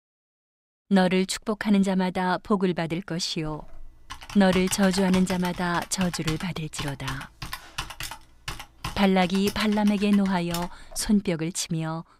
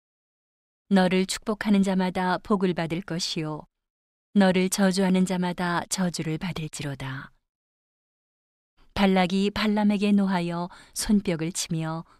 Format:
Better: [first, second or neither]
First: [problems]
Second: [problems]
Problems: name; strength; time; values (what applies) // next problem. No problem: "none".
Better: second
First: keyboard typing; noticeable; from 3.5 to 11 s; peak 9 dB below the speech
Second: none